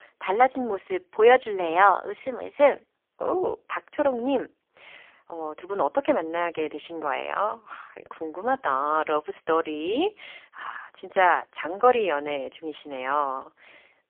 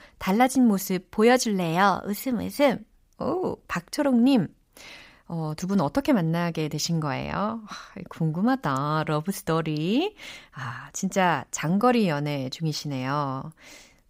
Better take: second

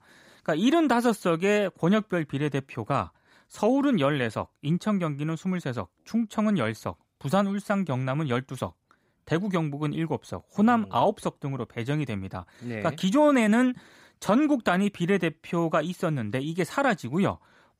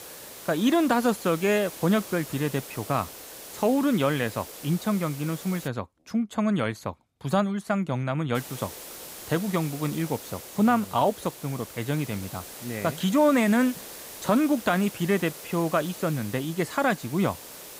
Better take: first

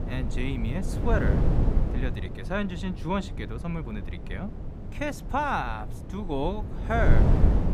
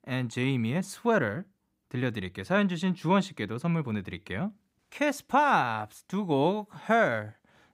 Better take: second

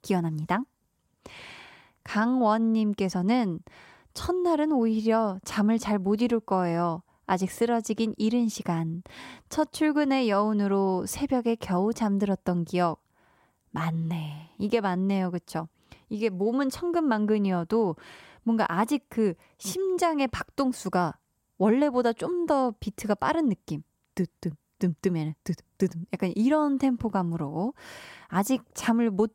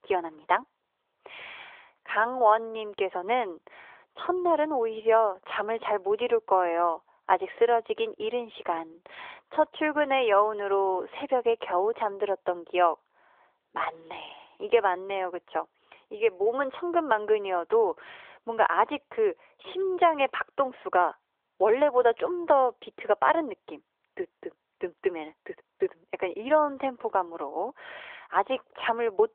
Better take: first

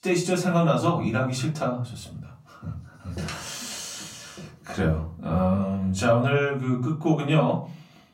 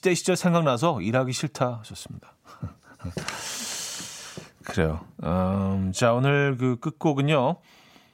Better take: second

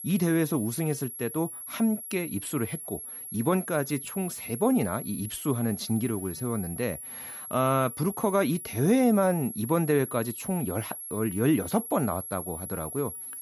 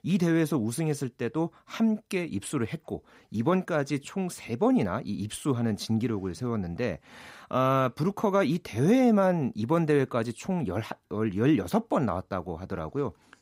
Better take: second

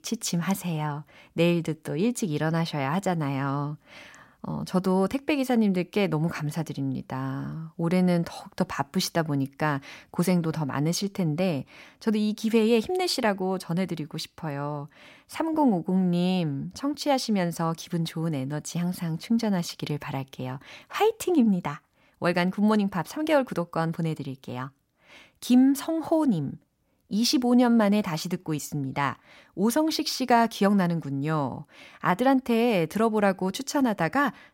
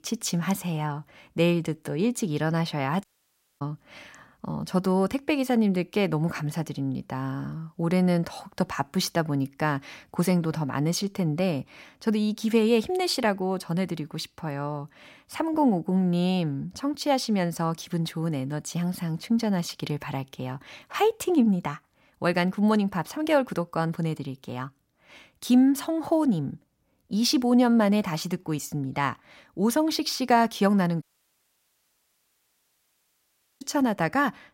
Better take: first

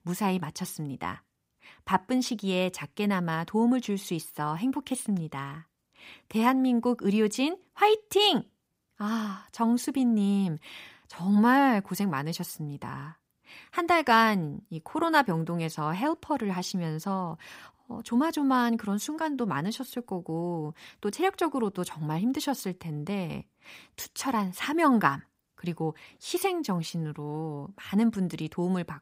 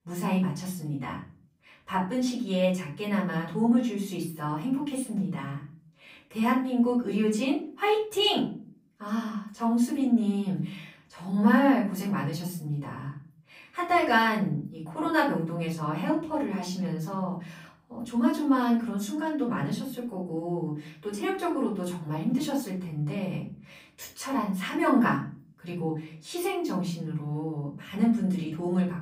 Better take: first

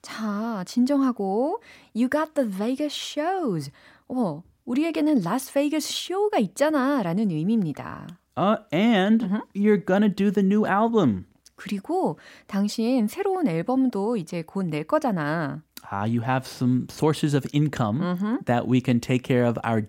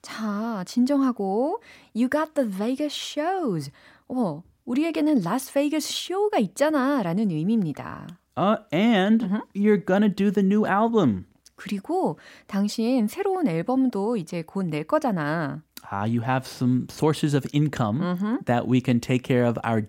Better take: neither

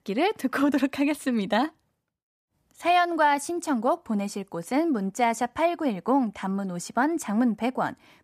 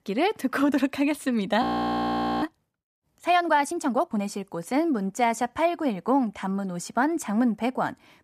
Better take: first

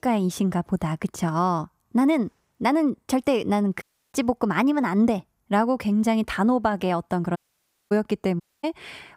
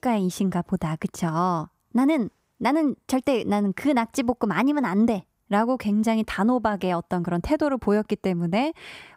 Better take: second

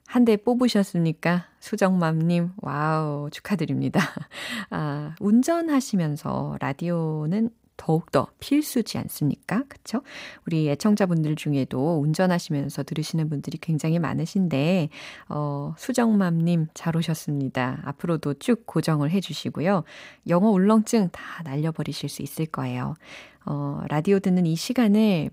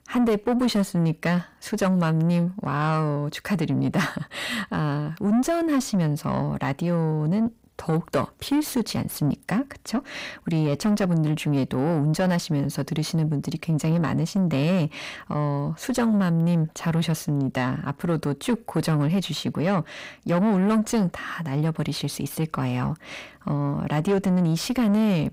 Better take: first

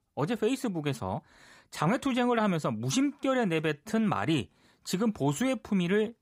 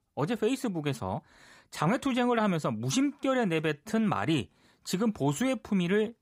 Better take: neither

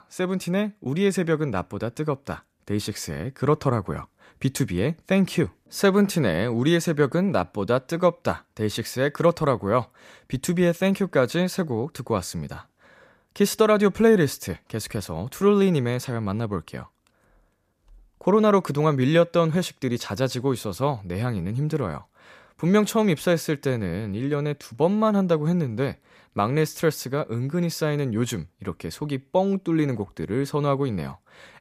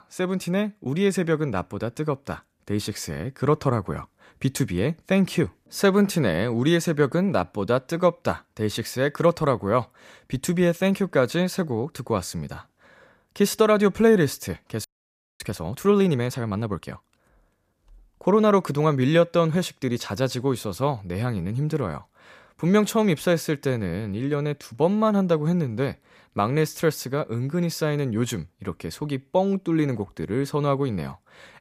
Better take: first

